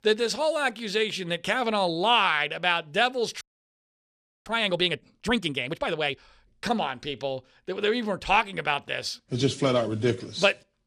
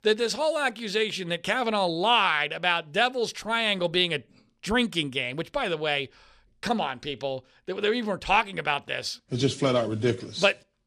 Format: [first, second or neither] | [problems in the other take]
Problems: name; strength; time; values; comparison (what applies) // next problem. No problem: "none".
second | audio freezing; at 3.5 s for 1 s